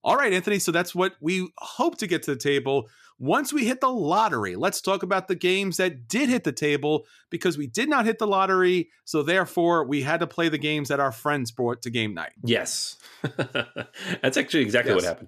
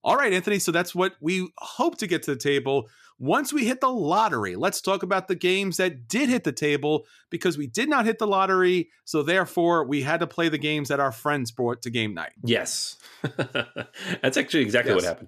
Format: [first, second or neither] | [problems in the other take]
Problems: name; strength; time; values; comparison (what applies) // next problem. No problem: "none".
neither | none